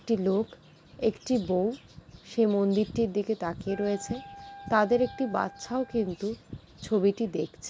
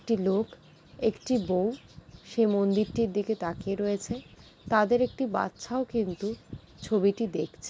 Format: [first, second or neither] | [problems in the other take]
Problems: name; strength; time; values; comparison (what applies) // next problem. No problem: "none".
second | background sound (Wind instrument, woodwind instrument); 19 dB below the speech